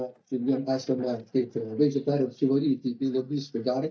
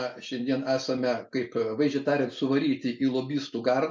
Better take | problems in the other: second | noise reduction (neural mask model DeepFilterNet 3)

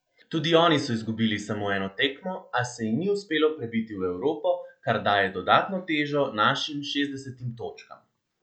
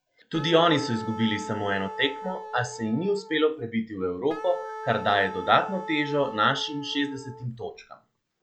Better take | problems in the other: first | background sound (Wind instrument, woodwind instrument); 12 dB below the speech

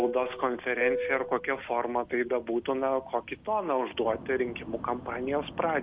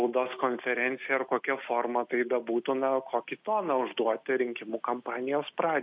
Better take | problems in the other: second | background sound (Fixed-wing aircraft, airplane); 9 dB below the speech

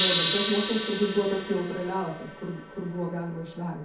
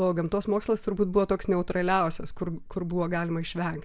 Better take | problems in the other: second | background sound (Gong); 3 dB below the speech // room echo; dies away in 0.5 s

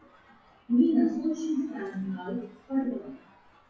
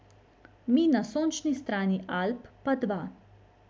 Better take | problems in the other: second | noise reduction (classical method WPE with log-MMSE)

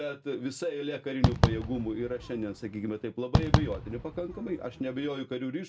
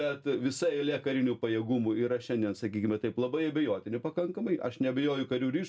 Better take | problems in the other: second | background sound (Fireworks); 3 dB above the speech

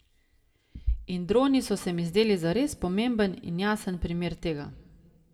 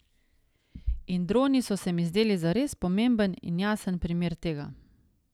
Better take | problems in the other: second | room echo; dies away in 0.6 s

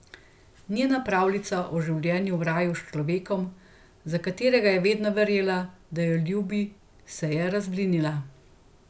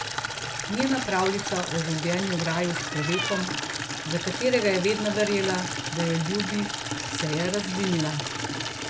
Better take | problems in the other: first | background sound (Cat + Water tap, faucet / Liquid); 4 dB below the speech

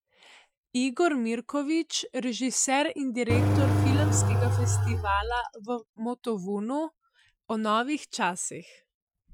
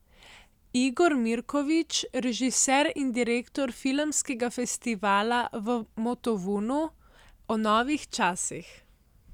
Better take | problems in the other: second | noise reduction (classical method Wiener filter)

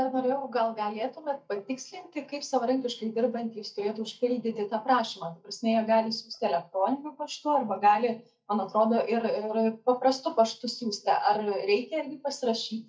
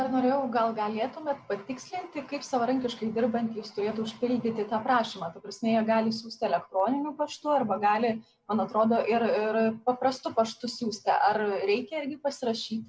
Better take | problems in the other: second | noise reduction (neural mask model DeepFilterNet 3)

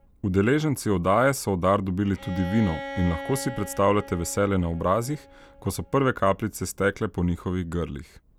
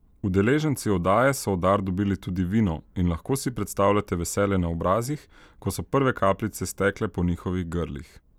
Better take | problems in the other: second | background sound (Bowed string instrument); 17 dB below the speech

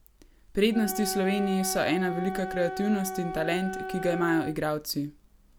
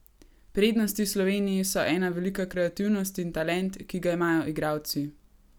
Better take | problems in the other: second | background sound (Wind instrument, woodwind instrument); 8 dB below the speech

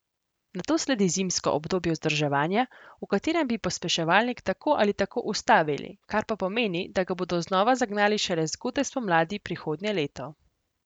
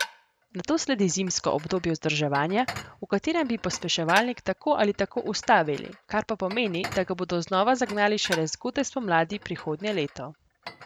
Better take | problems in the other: first | background sound (Dishes, pots, and pans); 15 dB below the speech

